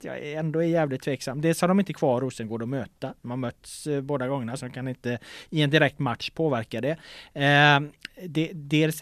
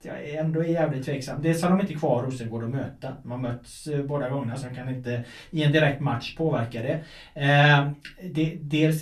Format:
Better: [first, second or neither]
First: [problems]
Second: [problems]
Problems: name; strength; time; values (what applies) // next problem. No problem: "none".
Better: first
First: none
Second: off-mic speech; far // room echo; very slight; dies away in 0.2 s